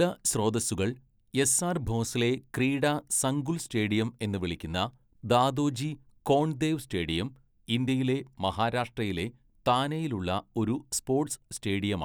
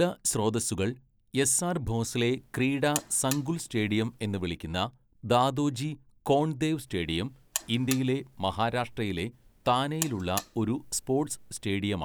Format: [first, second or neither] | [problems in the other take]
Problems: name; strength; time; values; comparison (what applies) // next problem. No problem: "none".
first | background sound (Alarm); 14 dB below the speech